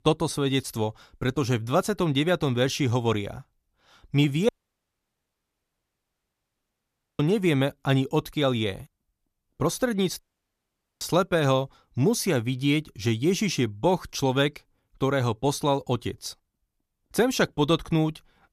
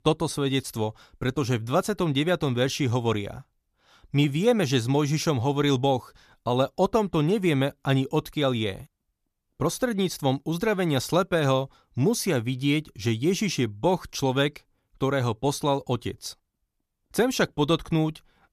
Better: second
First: audio cutting out; at 4.5 s for 2.5 s and at 10 s for 1 s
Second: none

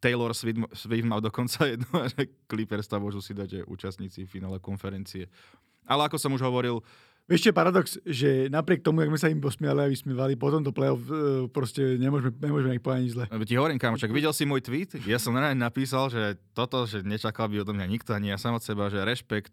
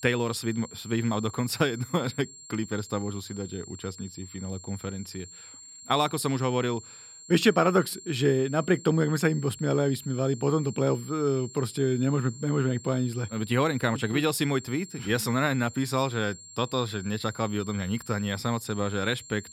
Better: first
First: none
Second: high-pitched whine; noticeable; throughout; 7.5 kHz, 15 dB below the speech

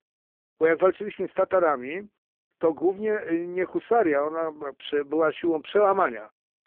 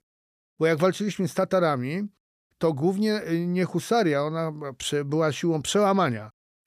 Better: second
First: phone-call audio; poor line; nothing above 3.5 kHz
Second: none

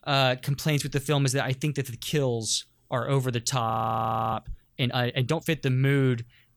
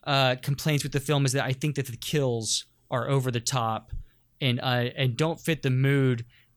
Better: second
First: audio freezing; at 3.5 s for 0.5 s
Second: none

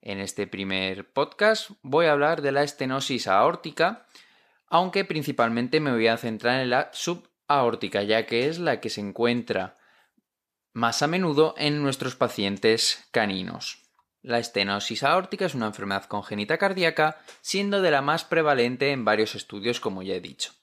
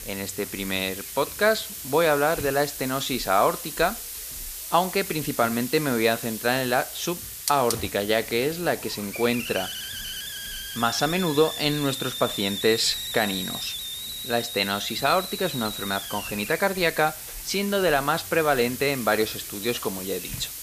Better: first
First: none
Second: hiss; loud; throughout; 7 dB below the speech

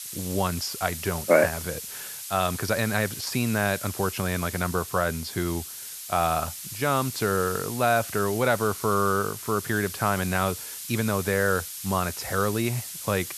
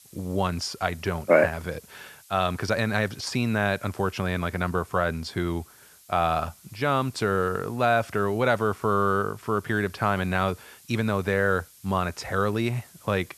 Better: second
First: hiss; loud; throughout; 8 dB below the speech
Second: hiss; faint; throughout; 25 dB below the speech

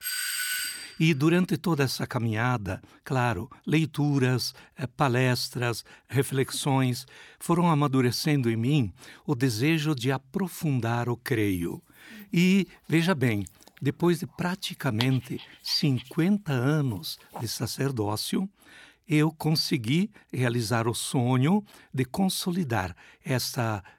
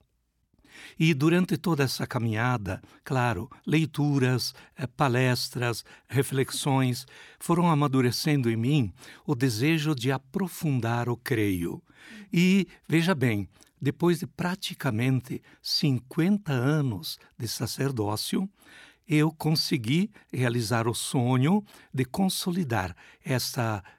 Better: second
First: doorbell; noticeable; at the start; peak 1 dB below the speech // dog barking; noticeable; from 13 to 17 s; peak 7 dB below the speech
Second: none

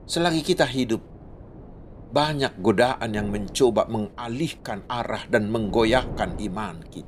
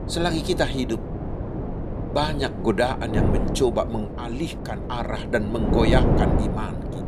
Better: first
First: wind noise on the microphone; occasional gusts; 20 dB below the speech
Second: wind noise on the microphone; heavy; 5 dB below the speech

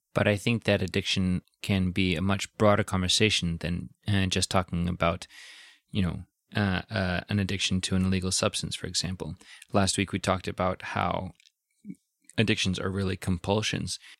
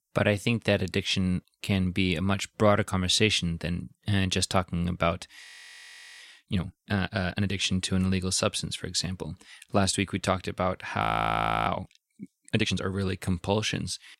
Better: first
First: none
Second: audio freezing; at 5.5 s for 1 s and at 11 s for 0.5 s

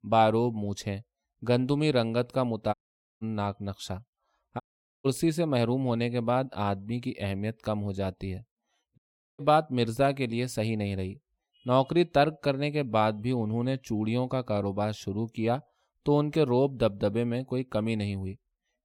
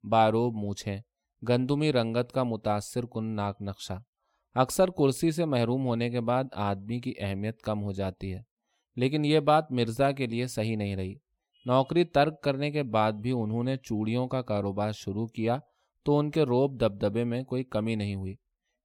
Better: second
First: audio cutting out; at 2.5 s, at 4.5 s and at 9 s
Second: none

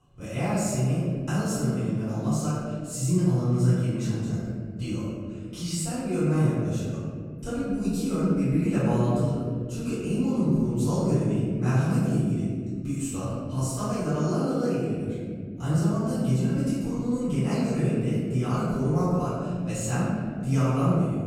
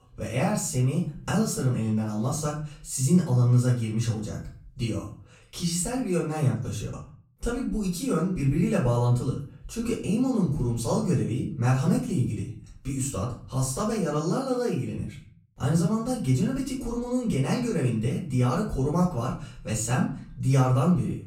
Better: second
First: room echo; strong; dies away in 2.3 s // off-mic speech; far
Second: room echo; slight; dies away in 0.4 s // off-mic speech; far

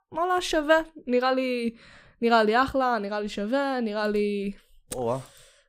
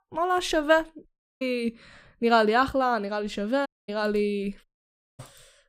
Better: first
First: none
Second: audio cutting out; at 1 s, at 3.5 s and at 4.5 s for 0.5 s

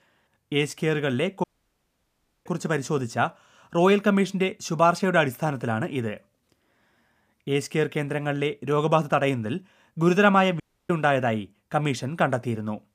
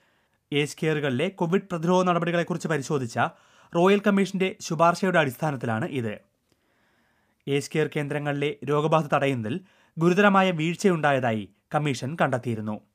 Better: second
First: audio cutting out; at 1.5 s for 1 s and at 11 s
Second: none

